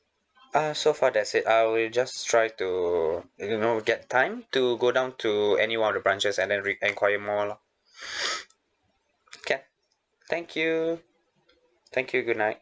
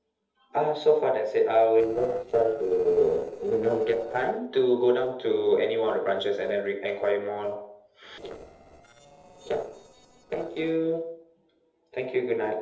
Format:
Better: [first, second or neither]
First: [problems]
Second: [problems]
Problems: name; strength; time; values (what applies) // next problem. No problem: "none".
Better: first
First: none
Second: noise reduction (neural separator model SepFormer DNS4)